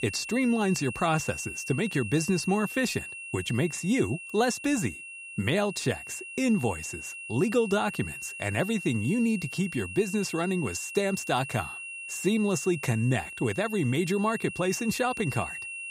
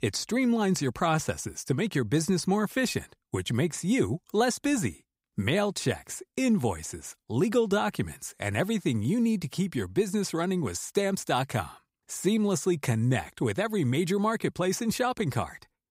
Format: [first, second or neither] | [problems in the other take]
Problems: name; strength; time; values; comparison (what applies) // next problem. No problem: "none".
second | high-pitched whine; loud; throughout; 2.5 kHz, 9 dB below the speech